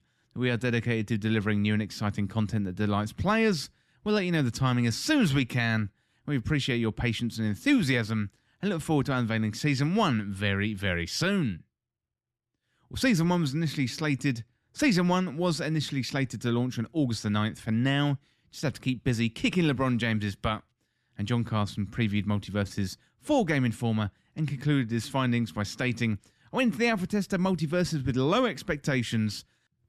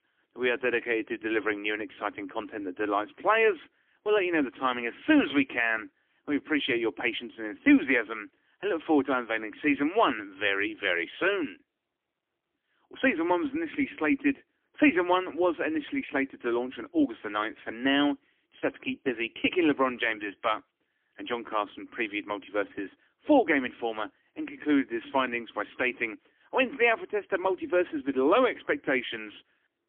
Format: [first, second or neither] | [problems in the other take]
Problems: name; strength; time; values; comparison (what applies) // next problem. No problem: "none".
first | phone-call audio; poor line; nothing above 3.5 kHz